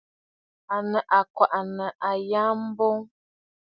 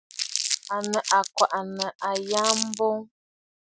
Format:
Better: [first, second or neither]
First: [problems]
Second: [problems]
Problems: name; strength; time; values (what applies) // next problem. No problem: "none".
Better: first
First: none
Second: background sound (Crumpling, crinkling); 4 dB below the speech